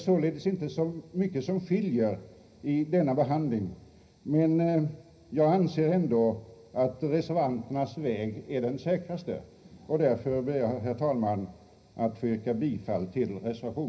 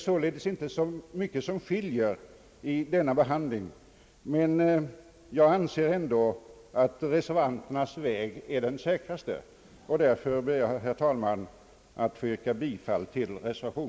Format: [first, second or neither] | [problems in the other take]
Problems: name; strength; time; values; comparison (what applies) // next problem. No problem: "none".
second | room echo; dies away in 0.5 s